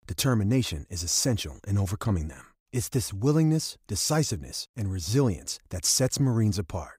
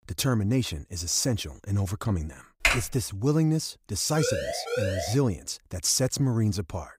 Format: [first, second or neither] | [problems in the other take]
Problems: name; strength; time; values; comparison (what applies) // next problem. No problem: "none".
first | keyboard typing; loud; at 2.5 s; peak 3 dB above the speech // siren; noticeable; at 4 s; peak 2 dB below the speech